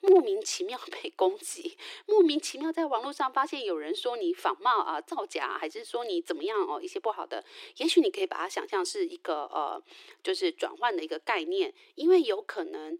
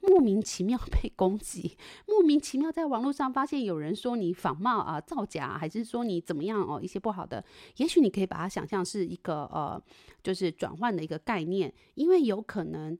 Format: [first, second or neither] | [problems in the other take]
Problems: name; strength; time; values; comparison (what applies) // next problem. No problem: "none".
second | thin; very; fading below 300 Hz